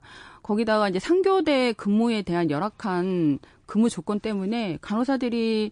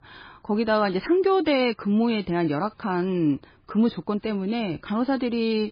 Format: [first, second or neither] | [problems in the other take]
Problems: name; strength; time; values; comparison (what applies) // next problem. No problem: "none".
first | garbled, watery; badly; nothing above 4 kHz; slightly in the first